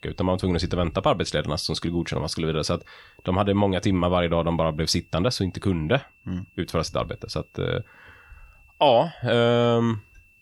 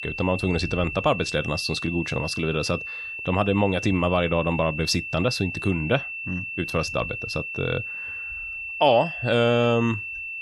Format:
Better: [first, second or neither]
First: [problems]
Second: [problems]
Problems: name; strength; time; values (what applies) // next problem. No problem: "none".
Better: first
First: high-pitched whine; faint; throughout; 2.5 kHz, 30 dB below the speech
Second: high-pitched whine; loud; throughout; 2.5 kHz, 6 dB below the speech